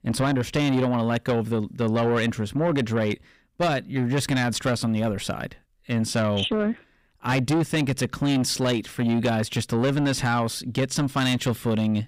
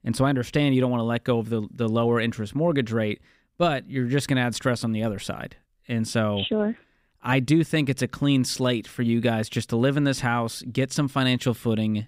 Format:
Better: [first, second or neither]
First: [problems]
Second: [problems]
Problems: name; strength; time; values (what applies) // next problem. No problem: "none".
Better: second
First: distortion; slight; 10 dB below the speech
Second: none